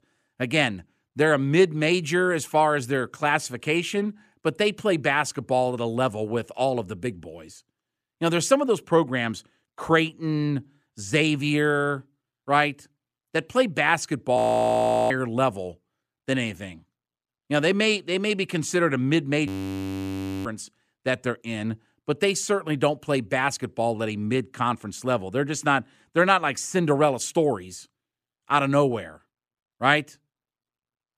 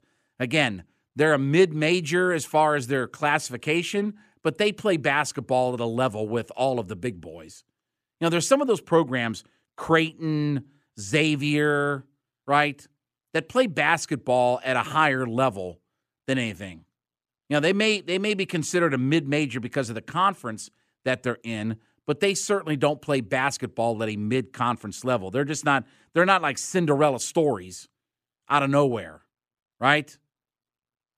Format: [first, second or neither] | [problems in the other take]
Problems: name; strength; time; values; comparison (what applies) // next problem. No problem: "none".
second | audio freezing; at 14 s for 0.5 s and at 19 s for 1 s